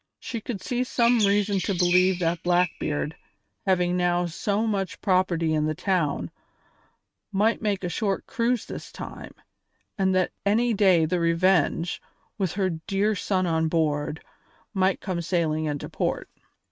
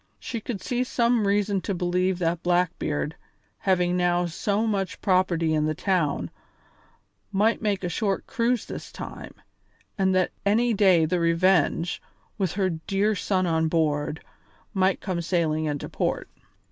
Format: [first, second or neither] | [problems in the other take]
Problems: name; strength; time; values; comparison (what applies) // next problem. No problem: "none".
second | noise reduction (neural mask model RNNoise)